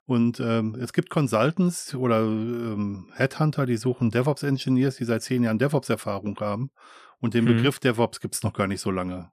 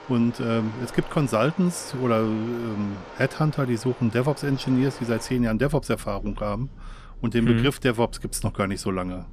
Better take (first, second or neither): first